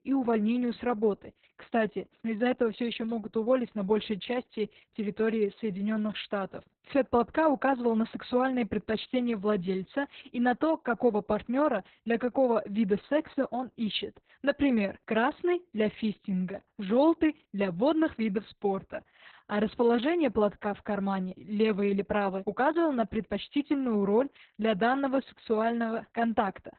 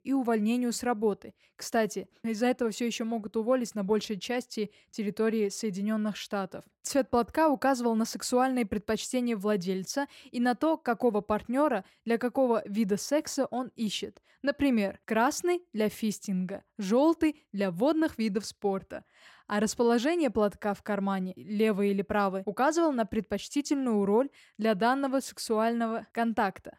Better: second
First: garbled, watery; badly; nothing above 4 kHz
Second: none

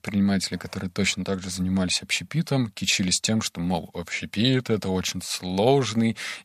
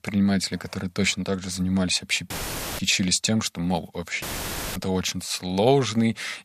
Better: first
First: none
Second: audio cutting out; filled with static; at 2.5 s and at 4 s for 0.5 s

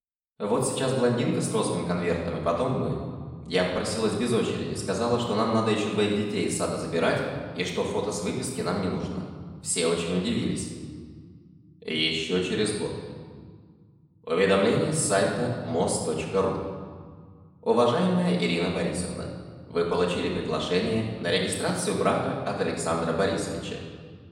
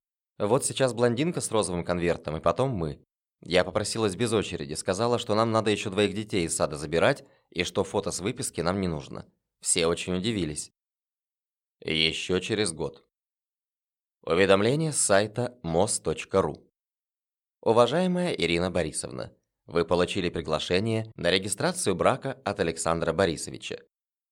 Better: second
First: room echo; noticeable; dies away in 1.6 s // off-mic speech; far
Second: none

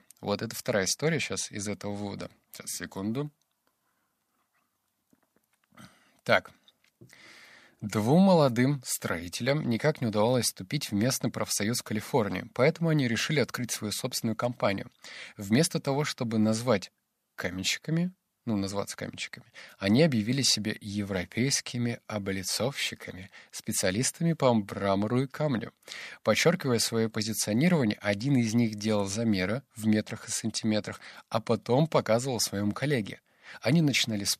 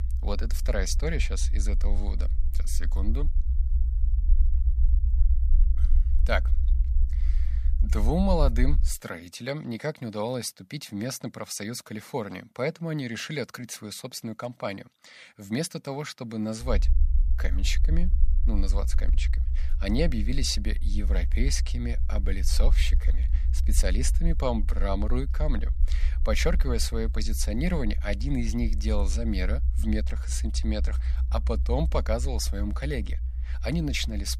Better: first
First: none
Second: low rumble; noticeable; until 9 s and from 17 s on; 15 dB below the speech

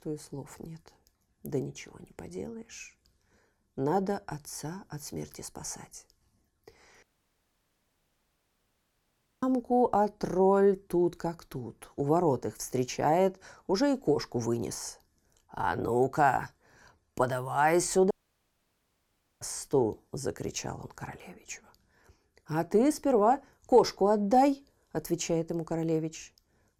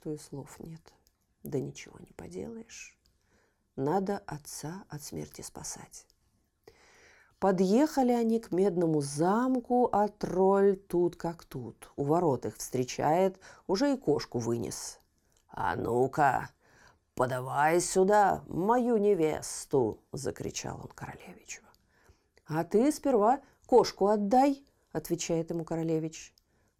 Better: second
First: audio cutting out; at 7 s for 2.5 s and at 18 s for 1.5 s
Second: none

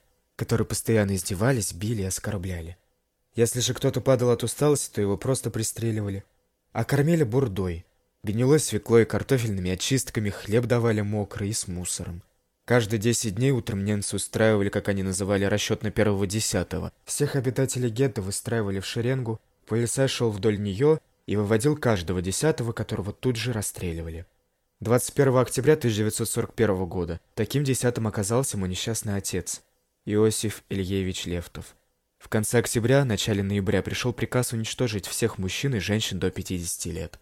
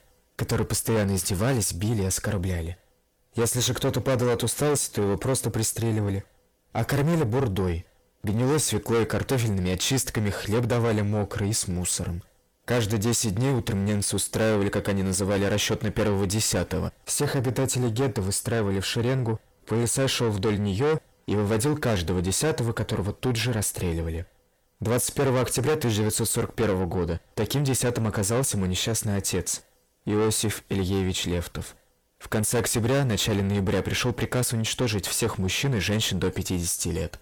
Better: first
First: none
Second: distortion; heavy; 7 dB below the speech

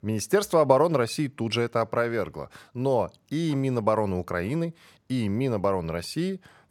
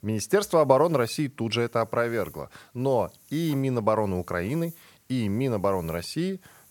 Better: first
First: none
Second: hiss; faint; throughout; 25 dB below the speech

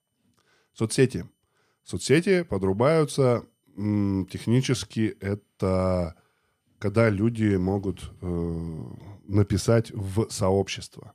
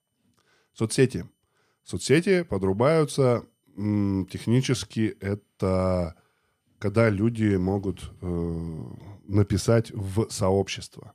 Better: neither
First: none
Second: none

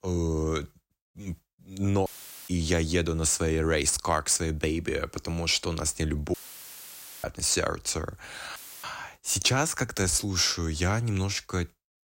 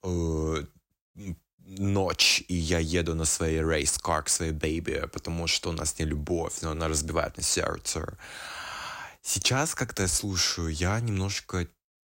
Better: second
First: audio cutting out; filled with static; at 2 s, at 6.5 s for 1 s and at 8.5 s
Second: none

